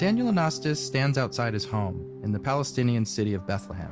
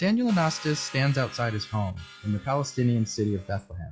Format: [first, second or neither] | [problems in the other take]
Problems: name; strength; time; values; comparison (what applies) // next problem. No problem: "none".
first | noise reduction (classical method log-MMSE)